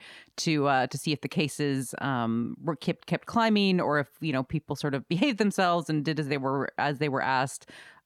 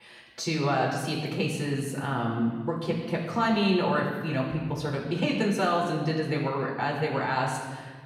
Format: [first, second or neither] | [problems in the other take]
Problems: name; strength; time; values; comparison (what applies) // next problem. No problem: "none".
first | off-mic speech; far // room echo; noticeable; dies away in 1.3 s